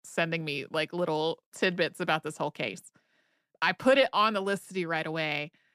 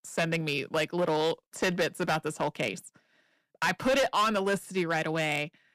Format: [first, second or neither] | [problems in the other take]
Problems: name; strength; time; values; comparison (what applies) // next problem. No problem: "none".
first | distortion; heavy; 7% of the sound clipped